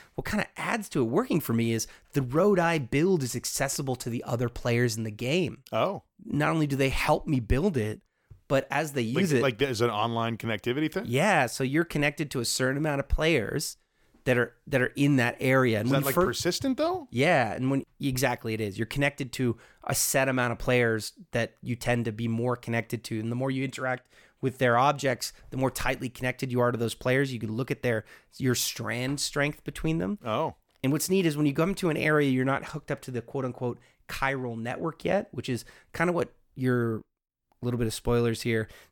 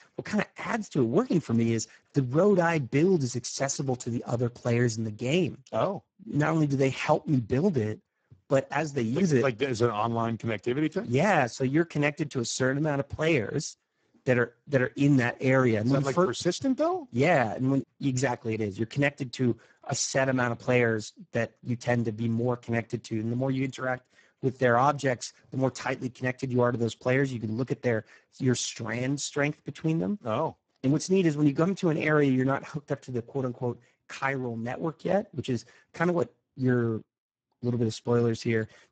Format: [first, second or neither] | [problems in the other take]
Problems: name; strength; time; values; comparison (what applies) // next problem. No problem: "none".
first | garbled, watery; badly; nothing above 7.5 kHz